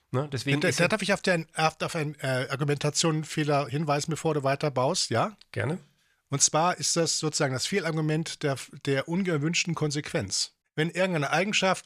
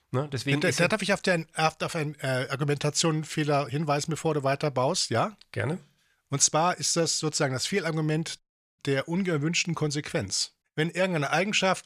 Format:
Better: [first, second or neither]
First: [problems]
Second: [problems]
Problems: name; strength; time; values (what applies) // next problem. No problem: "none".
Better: first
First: none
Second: audio cutting out; at 8.5 s